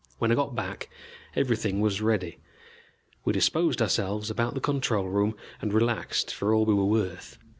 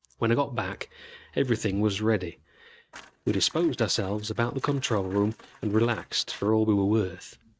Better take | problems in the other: first | noise reduction (neural mask model RNNoise)

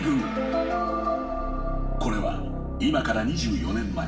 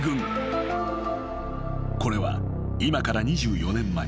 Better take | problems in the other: second | room echo; dies away in 0.7 s

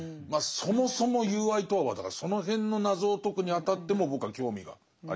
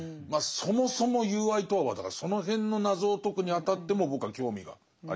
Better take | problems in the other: second | background sound (Snare drum); 15 dB below the speech

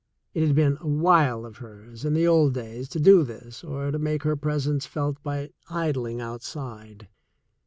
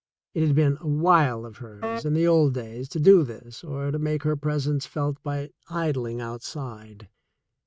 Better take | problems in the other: first | noise reduction (neural mask model RNNoise)

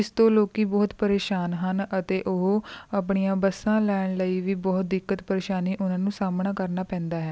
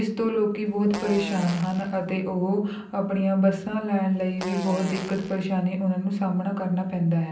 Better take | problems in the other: first | background sound (Fart); 13 dB below the speech // room echo; dies away in 0.6 s

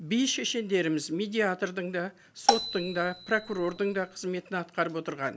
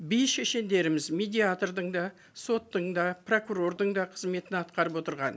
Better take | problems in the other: second | background sound (Marimba, xylophone); 3 dB below the speech

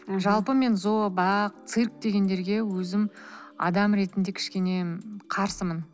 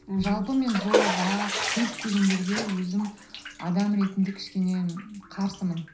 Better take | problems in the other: first | background sound (Bathtub (filling or washing)); 5 dB below the speech // room echo; dies away in 0.5 s

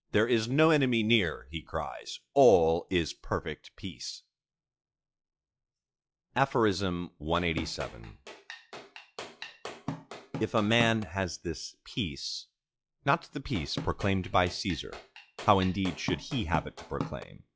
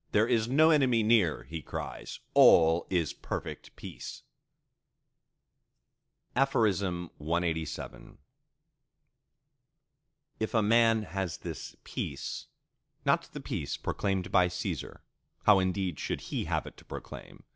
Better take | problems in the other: second | noise reduction (classical method log-MMSE)

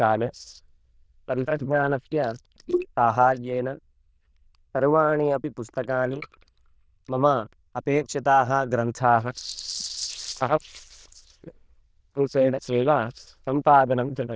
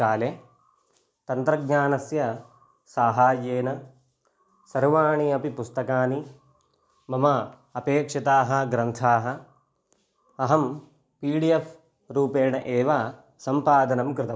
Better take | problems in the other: second | noise reduction (neural diffusion model UNIVERSE++)

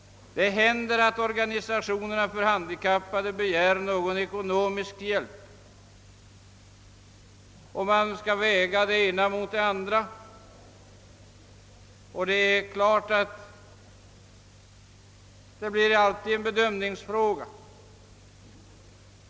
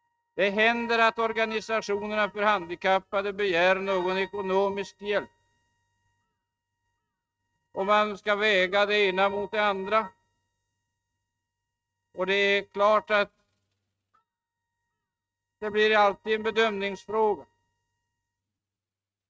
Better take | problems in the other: first | noise reduction (neural mask model RNNoise)

